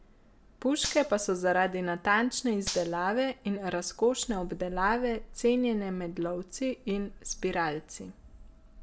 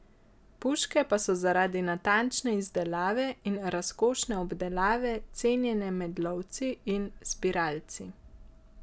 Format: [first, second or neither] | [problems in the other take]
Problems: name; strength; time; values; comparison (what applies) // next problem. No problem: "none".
second | background sound (Gunshot, gunfire); 11 dB below the speech // room echo; dies away in 0.3 s